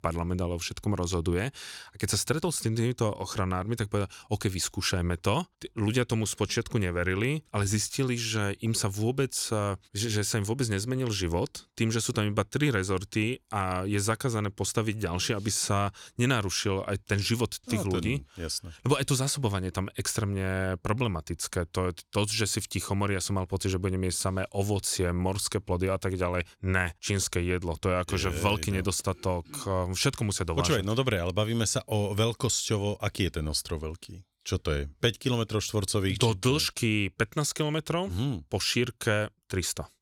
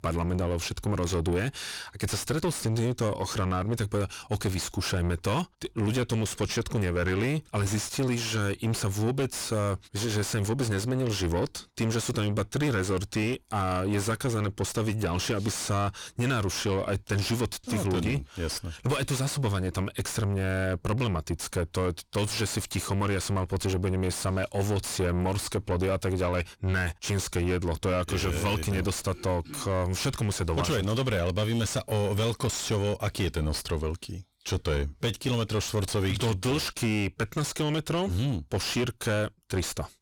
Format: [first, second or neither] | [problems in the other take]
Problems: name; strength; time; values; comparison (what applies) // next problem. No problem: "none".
first | distortion; heavy; 6 dB below the speech